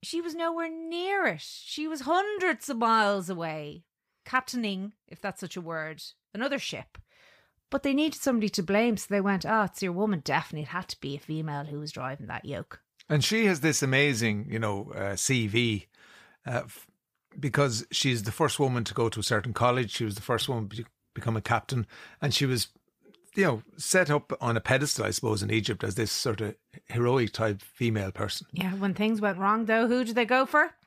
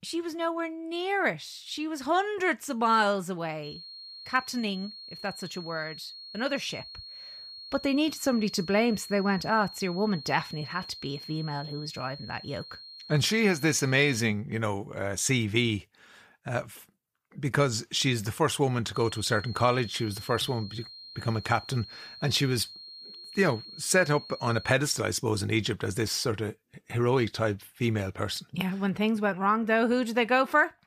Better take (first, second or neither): first